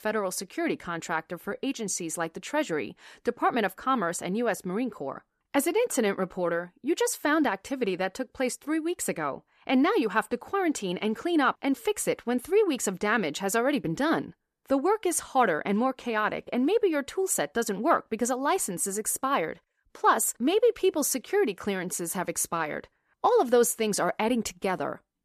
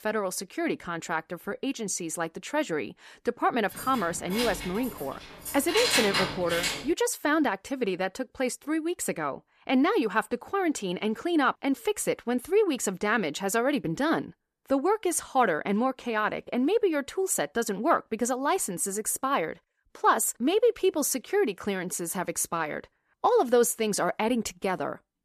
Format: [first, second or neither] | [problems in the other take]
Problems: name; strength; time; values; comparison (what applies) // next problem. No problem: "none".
first | jangling keys; loud; from 4 to 7 s; peak 4 dB above the speech